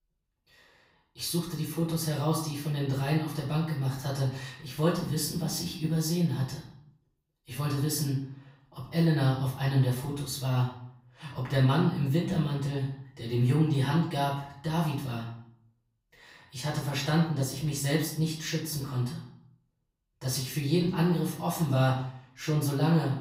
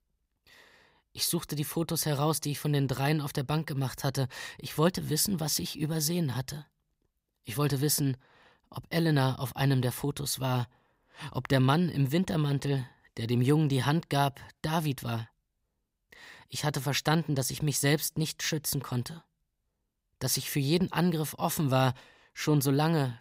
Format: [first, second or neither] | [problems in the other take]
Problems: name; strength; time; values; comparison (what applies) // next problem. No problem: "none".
second | off-mic speech; far // room echo; noticeable; dies away in 0.5 s